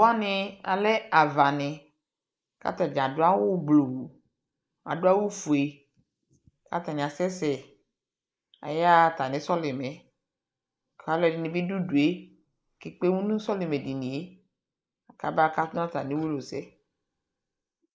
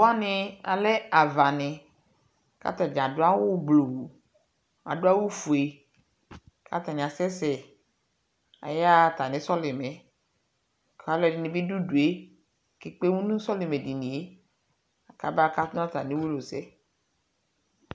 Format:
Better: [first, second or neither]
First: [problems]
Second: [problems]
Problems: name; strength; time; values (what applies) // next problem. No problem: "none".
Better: second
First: noise reduction (neural mask model Resemble Enhance denoiser)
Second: none